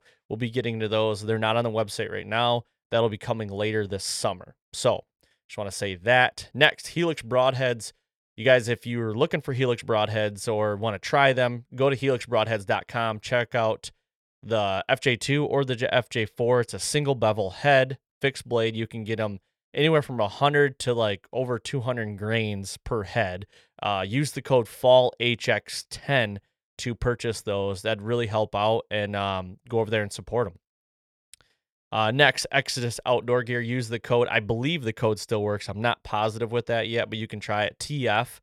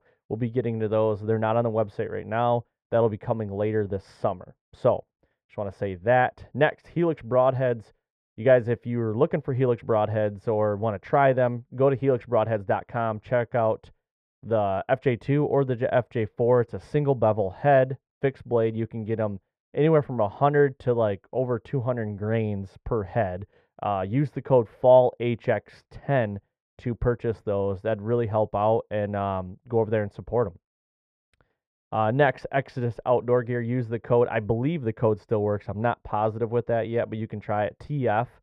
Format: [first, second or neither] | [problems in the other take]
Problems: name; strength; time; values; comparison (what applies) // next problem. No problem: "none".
first | muffled; very; fading above 3 kHz